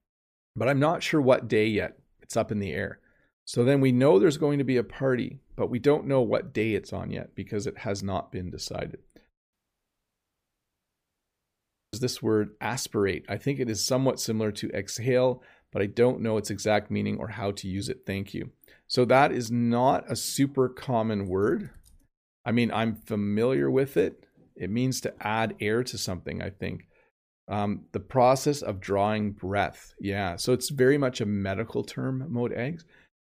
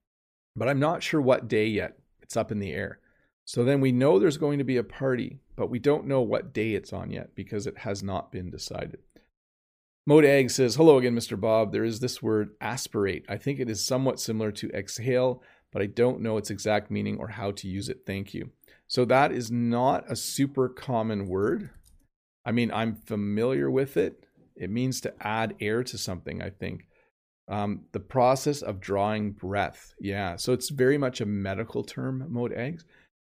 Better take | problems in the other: second | audio cutting out; at 9.5 s for 2.5 s

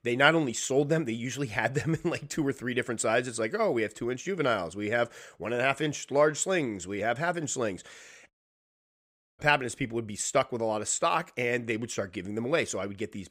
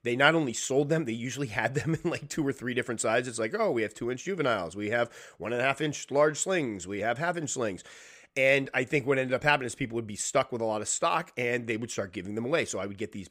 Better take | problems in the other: second | audio cutting out; at 8.5 s for 1 s

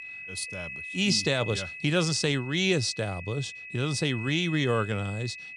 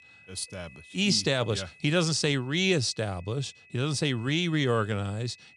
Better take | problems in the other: second | high-pitched whine; loud; throughout; 2.5 kHz, 10 dB below the speech; faint in the second

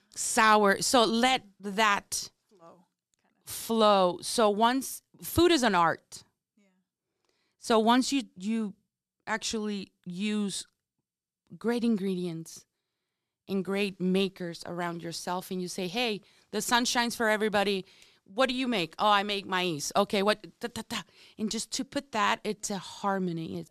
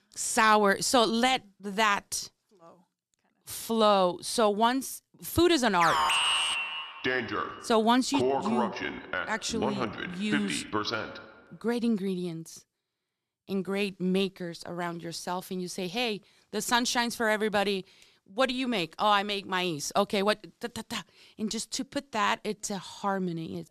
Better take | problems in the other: first | alarm; loud; from 6 to 11 s; peak 5 dB above the speech

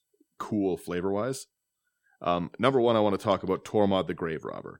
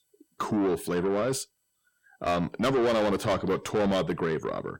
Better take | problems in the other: first | distortion; heavy; 6 dB below the speech

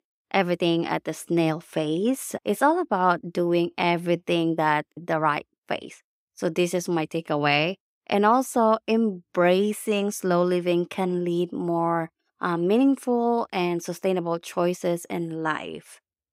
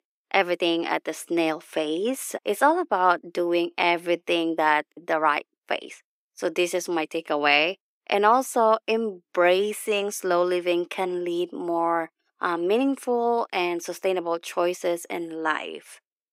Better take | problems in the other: first | thin; somewhat; fading below 300 Hz

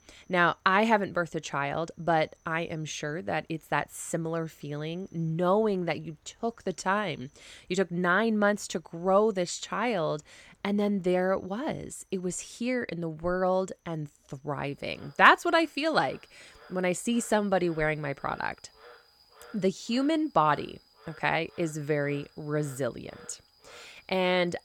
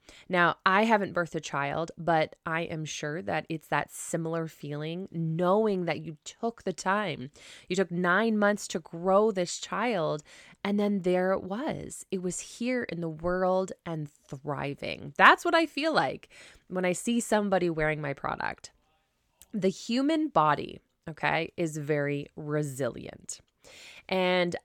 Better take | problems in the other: second | animal sounds; faint; throughout; 30 dB below the speech

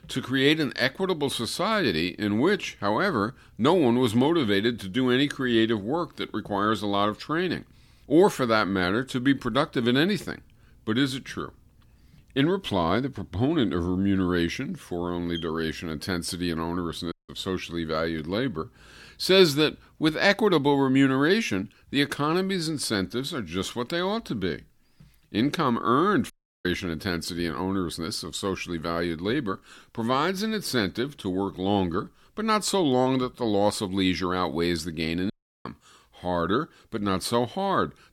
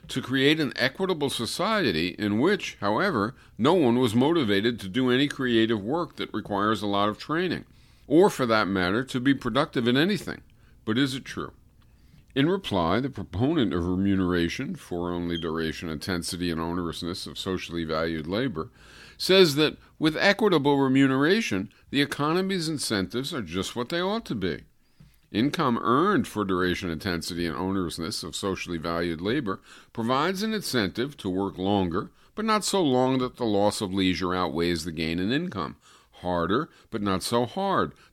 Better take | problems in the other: second | audio cutting out; at 17 s, at 26 s and at 35 s

